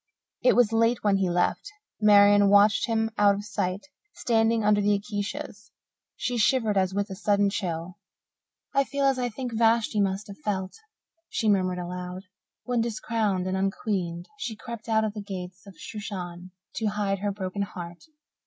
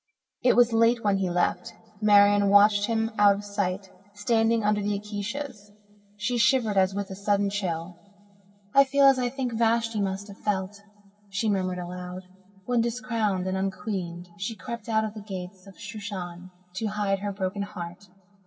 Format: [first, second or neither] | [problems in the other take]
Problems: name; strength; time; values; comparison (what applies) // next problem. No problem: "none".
first | room echo; dies away in 1.8 s